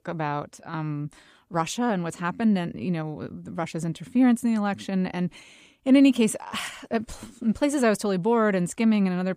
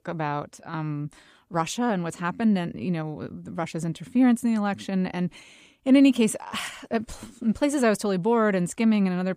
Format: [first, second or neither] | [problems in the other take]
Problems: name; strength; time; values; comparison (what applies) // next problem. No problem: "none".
neither | none